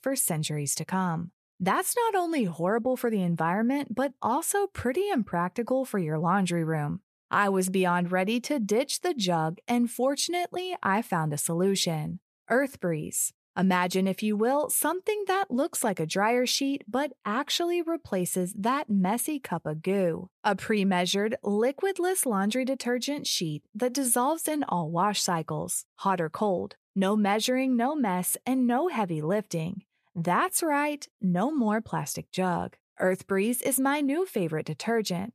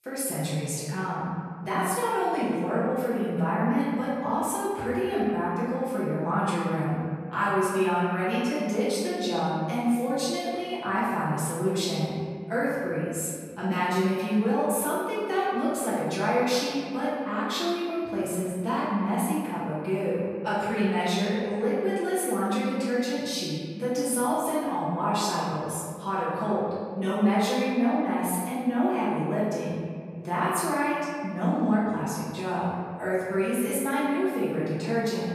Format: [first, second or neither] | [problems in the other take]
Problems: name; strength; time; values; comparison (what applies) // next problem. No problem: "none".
first | off-mic speech; far // room echo; strong; dies away in 1.8 s